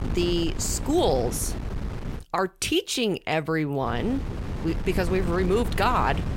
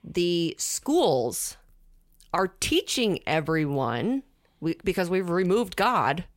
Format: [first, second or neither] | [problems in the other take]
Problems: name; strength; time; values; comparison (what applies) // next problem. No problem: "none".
second | wind noise on the microphone; occasional gusts; until 2 s and from 4 s on; 15 dB below the speech